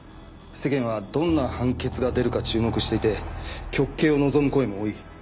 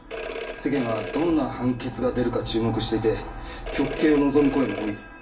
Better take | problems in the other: first | background sound (Telephone); 12 dB below the speech // room echo; dies away in 0.3 s

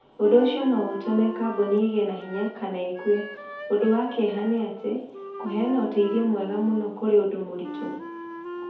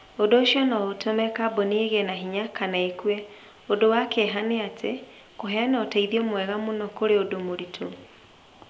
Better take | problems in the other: second | background sound (Wind instrument, woodwind instrument); 13 dB below the speech // room echo; dies away in 0.5 s

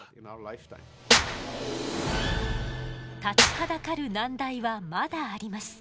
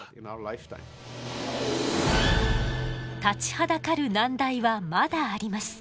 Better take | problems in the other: second | background sound (Clapping / Drum kit); 2 dB above the speech

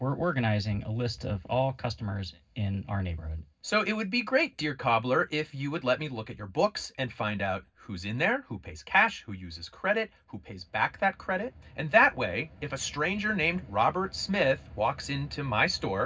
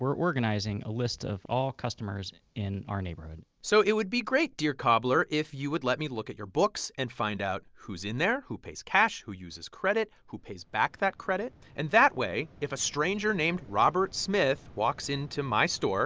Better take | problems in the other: second | room echo; dies away in 0.4 s

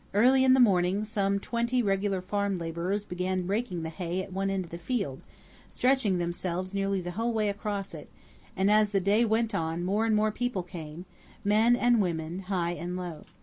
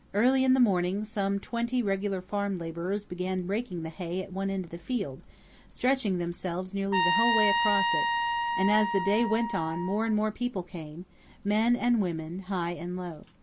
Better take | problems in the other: first | background sound (Trumpet); as loud as the speech

